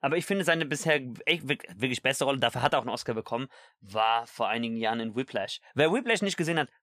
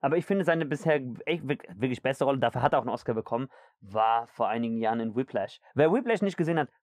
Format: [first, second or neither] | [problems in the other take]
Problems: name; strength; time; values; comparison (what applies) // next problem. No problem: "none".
first | muffled; very; fading above 2 kHz